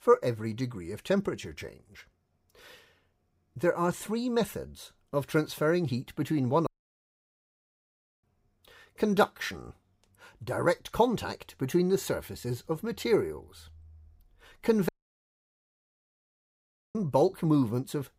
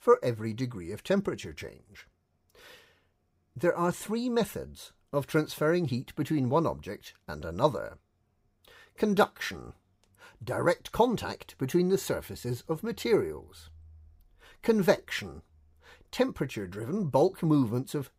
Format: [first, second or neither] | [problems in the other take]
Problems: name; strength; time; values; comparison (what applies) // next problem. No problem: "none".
second | audio cutting out; at 6.5 s for 1.5 s and at 15 s for 2 s